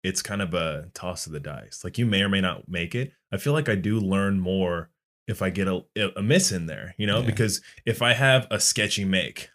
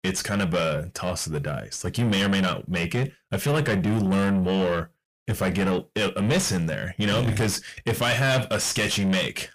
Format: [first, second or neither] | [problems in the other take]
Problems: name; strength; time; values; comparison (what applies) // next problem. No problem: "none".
first | distortion; heavy; 6 dB below the speech